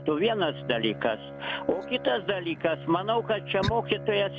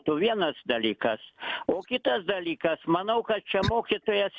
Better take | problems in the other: second | background sound (Bowed string instrument); 12 dB below the speech

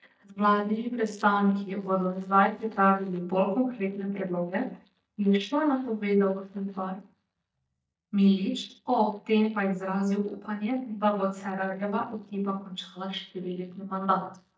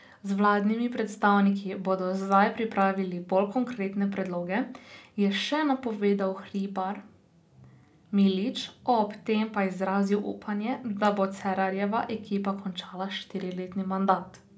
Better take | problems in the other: second | noise reduction (neural mask model DeepFilterNet 3)

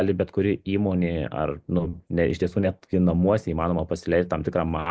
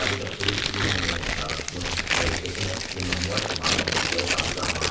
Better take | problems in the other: first | background sound (Tearing); 5 dB above the speech // room echo; dies away in 0.7 s

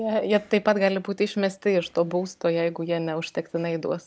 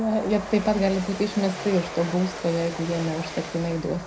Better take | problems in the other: first | background sound (Train); 11 dB below the speech // room echo; dies away in 0.4 s

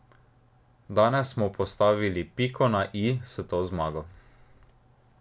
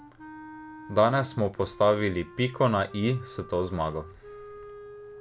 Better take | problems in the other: first | background sound (Wind instrument, woodwind instrument); 18 dB below the speech

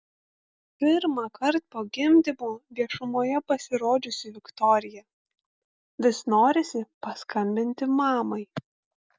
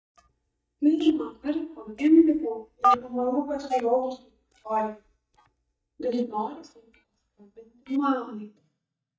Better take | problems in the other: first | noise reduction (neural mask model DeepFilterNet 3)

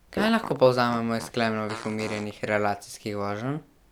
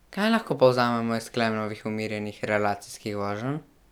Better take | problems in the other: second | background sound (Fart); 12 dB below the speech

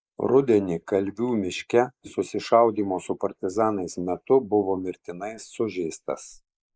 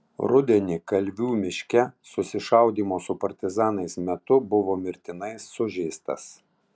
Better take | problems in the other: second | noise reduction (neural mask model Resemble Enhance denoiser)

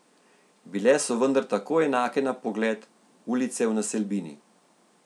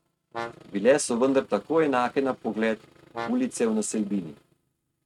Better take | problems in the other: first | noise reduction (neural mask model RNNoise)

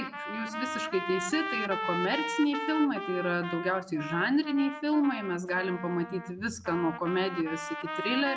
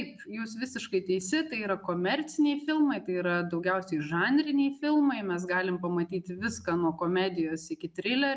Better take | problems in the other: second | background sound (Trumpet); 7 dB below the speech

